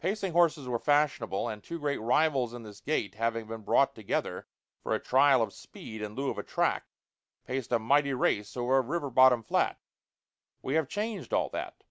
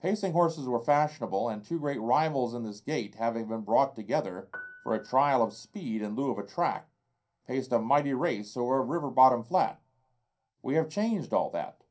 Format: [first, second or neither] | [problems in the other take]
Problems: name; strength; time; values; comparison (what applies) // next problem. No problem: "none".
first | background sound (Piano); 19 dB below the speech // room echo; dies away in 0.3 s